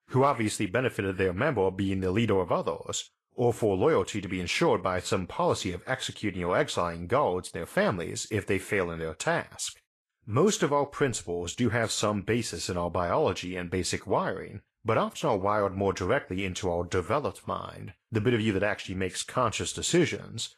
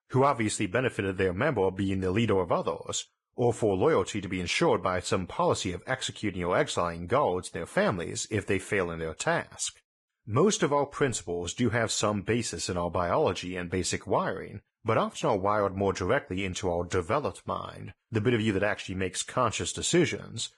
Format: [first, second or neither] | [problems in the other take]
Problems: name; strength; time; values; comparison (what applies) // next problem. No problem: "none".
first | garbled, watery; badly; nothing above 10 kHz; slightly in the first